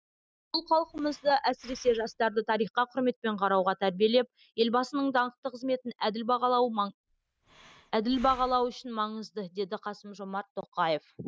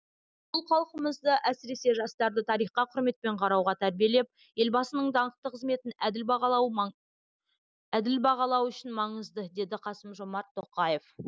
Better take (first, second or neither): second